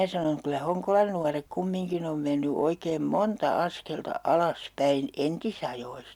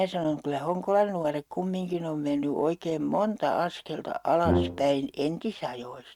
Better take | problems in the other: first | noise reduction (neural mask model RNNoise)

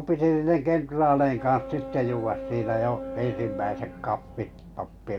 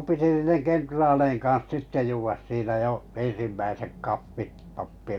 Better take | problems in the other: second | background sound (Boat, Water vehicle); 10 dB below the speech

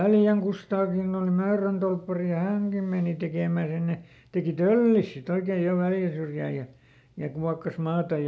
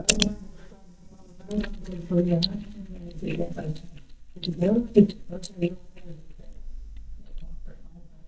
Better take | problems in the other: first | noise reduction (neural mask model DeepFilterNet 3)

